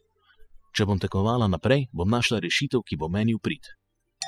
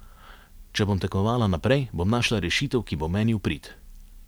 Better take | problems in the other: second | noise reduction (classical method spectral subtraction)

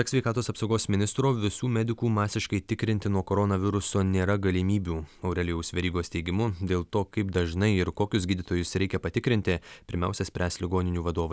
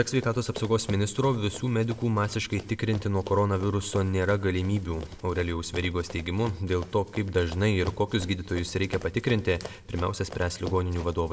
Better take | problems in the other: first | background sound (Run); 17 dB below the speech // room echo; dies away in 0.7 s

